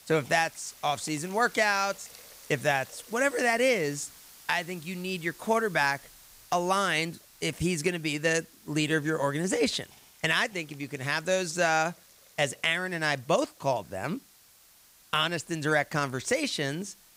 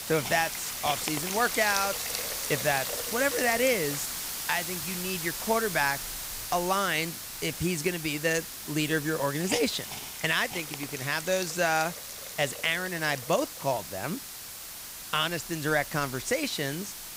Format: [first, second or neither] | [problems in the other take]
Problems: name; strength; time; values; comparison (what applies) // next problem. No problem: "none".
first | hiss; loud; throughout; 5 dB below the speech; faint in the first